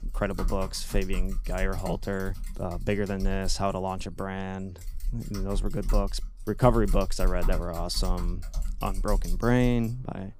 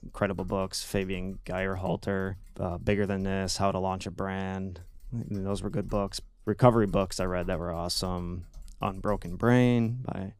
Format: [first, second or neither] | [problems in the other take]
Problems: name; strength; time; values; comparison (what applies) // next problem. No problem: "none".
second | household noises; loud; throughout; 6 dB below the speech; faint in the second